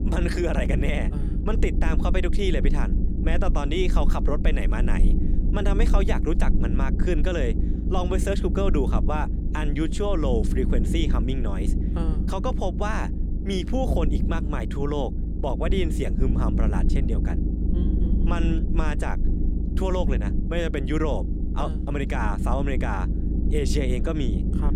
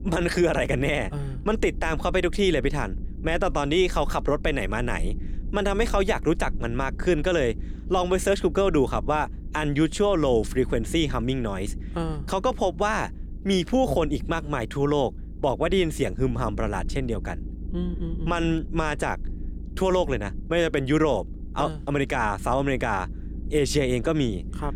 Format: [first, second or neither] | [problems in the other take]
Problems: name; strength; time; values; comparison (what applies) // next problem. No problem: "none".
second | low rumble; loud; throughout; 7 dB below the speech; faint in the second